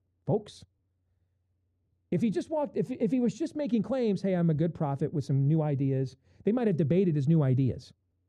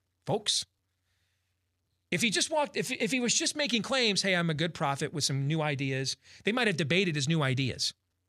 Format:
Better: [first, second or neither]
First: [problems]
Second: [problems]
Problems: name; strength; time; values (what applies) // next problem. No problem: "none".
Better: second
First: muffled; very; fading above 1 kHz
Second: none